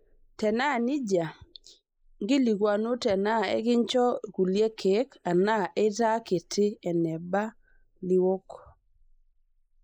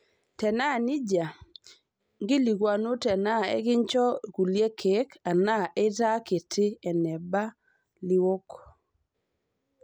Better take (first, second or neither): second